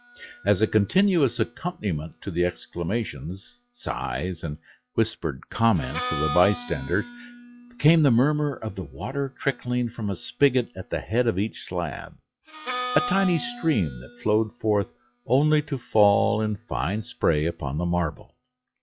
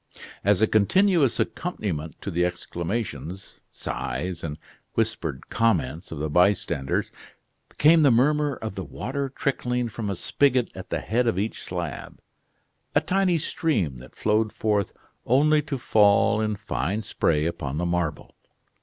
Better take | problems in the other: second | noise reduction (classical method log-MMSE)

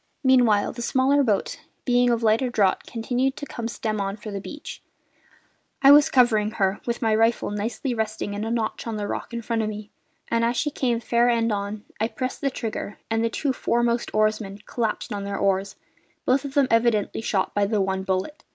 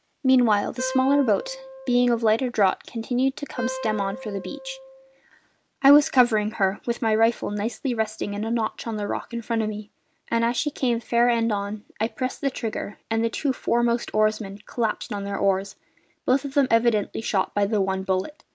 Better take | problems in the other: first | background sound (Wind instrument, woodwind instrument); 13 dB below the speech

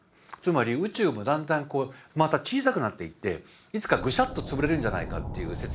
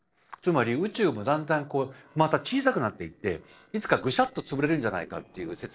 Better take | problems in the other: first | noise reduction (neural separator model SepFormer DNS4)

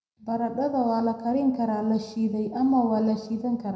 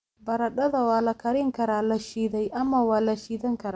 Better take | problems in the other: second | room echo; dies away in 0.7 s

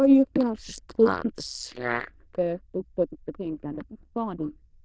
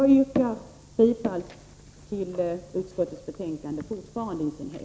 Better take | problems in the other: second | noise reduction (neural diffusion model UNIVERSE++)

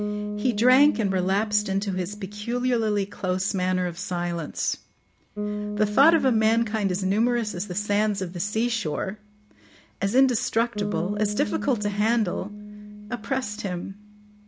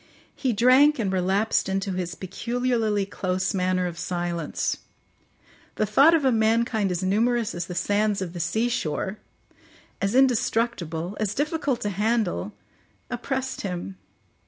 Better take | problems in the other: second | background sound (Bass guitar); 9 dB below the speech

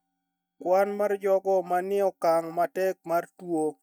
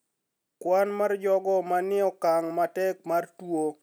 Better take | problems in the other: second | noise reduction (neural mask model DeepFilterNet 3)

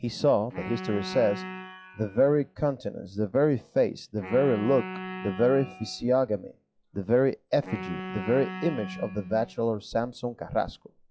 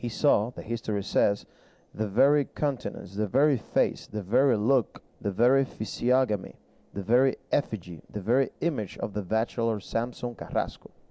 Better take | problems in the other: second | noise reduction (classical method log-MMSE)

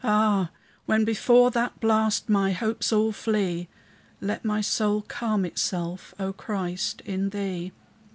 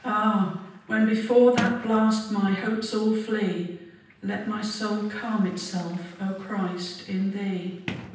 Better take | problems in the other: first | background sound (Sliding door); 14 dB below the speech // room echo; dies away in 0.9 s

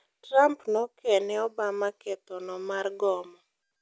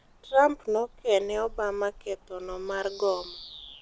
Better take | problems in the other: first | background sound (Bird vocalization, bird call, bird song); 19 dB below the speech

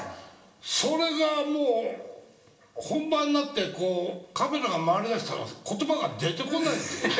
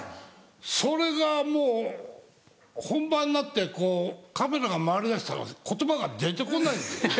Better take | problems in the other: second | room echo; dies away in 0.8 s

